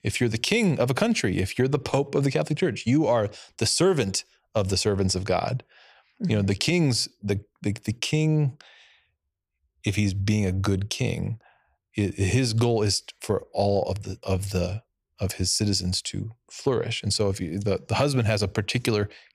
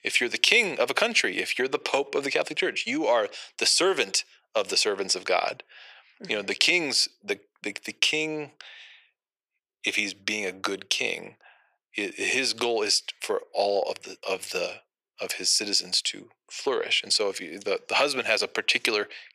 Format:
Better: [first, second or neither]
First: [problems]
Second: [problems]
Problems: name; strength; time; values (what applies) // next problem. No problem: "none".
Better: first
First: none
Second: thin; very; fading below 350 Hz